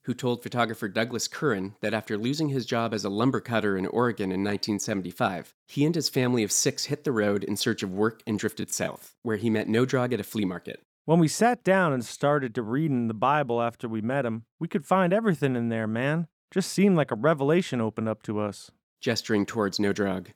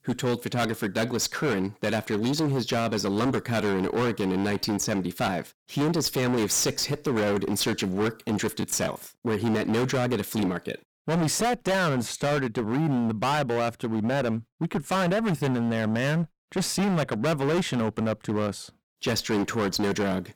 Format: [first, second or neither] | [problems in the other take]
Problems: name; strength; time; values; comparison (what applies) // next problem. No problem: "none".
first | distortion; heavy; 25% of the sound clipped